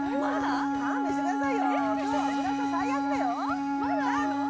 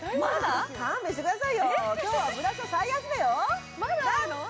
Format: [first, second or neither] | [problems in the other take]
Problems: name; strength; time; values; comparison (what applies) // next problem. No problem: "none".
second | background sound (Wind instrument, woodwind instrument); 4 dB above the speech